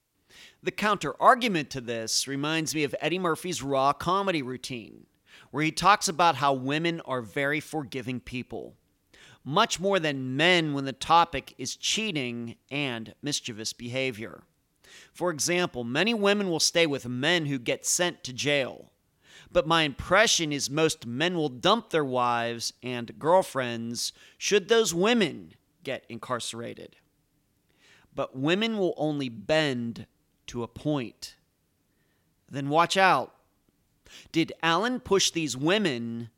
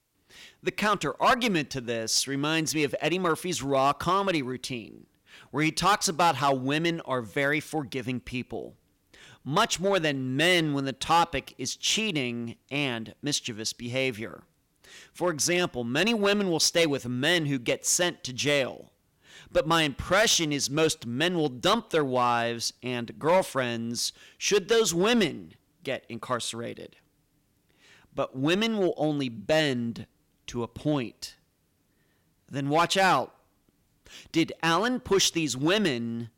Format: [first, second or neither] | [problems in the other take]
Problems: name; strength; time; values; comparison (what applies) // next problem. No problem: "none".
first | distortion; slight; 3% of the sound clipped